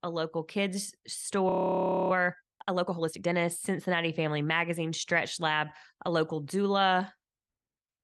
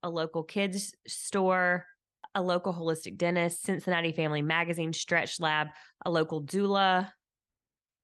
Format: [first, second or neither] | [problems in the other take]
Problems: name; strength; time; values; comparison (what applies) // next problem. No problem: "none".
second | audio freezing; at 1.5 s for 0.5 s